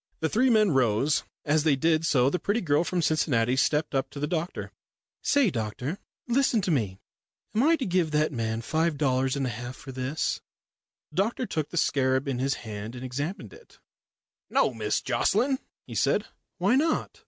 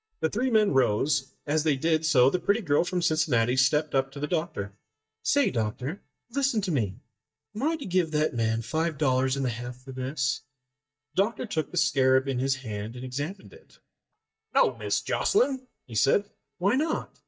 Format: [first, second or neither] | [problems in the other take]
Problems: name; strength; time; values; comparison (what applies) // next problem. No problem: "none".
first | noise reduction (neural mask model DeepFilterNet 3)